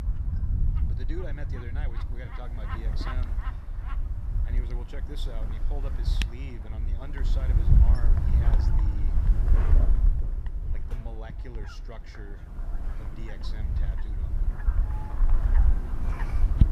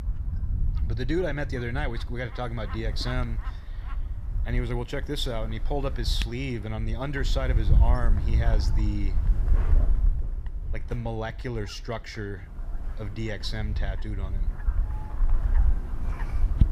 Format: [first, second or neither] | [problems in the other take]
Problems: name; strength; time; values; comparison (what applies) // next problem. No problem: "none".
second | wind noise on the microphone; heavy; 2 dB above the speech; occasional gusts in the second